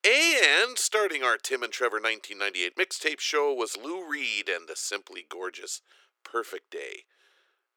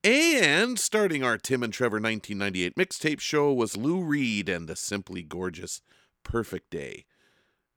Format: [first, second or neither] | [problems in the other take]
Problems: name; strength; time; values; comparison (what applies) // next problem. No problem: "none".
second | thin; very; fading below 350 Hz